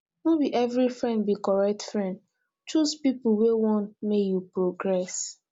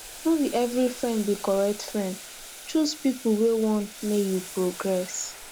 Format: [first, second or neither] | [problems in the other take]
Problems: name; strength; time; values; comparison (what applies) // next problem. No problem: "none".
first | background sound (Boiling); 15 dB below the speech